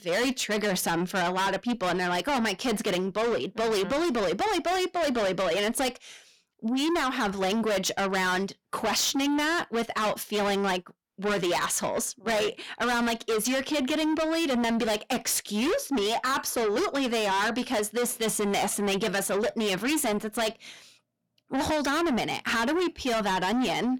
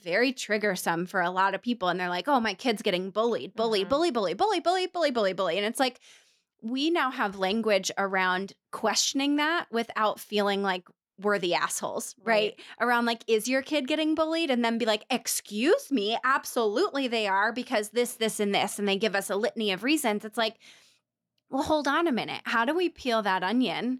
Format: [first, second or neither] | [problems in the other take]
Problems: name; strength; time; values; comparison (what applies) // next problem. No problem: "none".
second | distortion; heavy; 6 dB below the speech